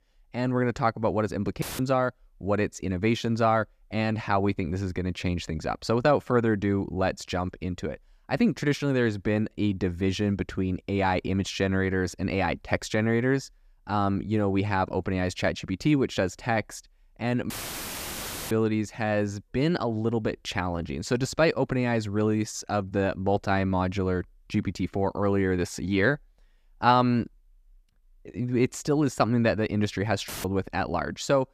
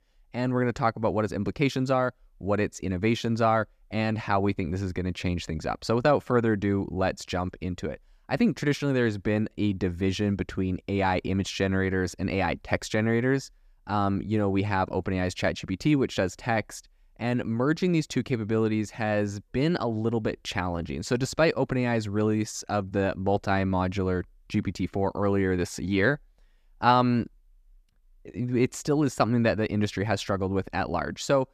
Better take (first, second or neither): second